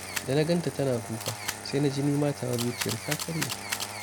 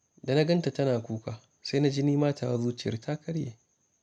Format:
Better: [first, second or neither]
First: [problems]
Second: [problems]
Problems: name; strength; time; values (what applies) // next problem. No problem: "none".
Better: second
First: background sound (Camera + Engine starting); 6 dB below the speech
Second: none